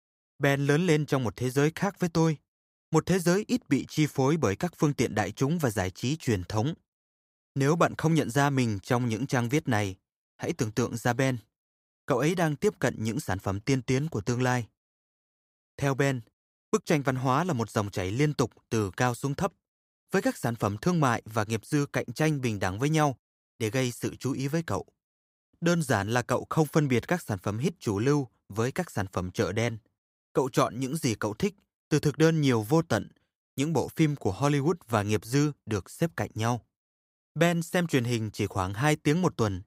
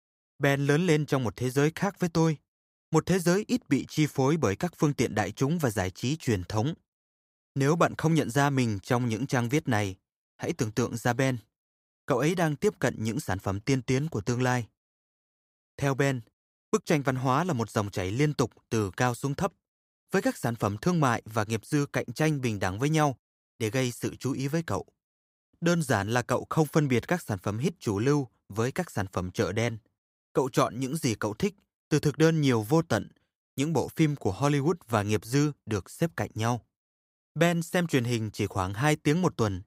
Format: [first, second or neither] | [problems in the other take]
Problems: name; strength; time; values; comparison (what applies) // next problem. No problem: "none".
neither | none